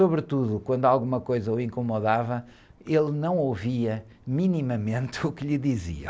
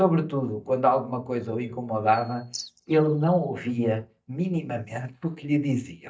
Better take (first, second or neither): first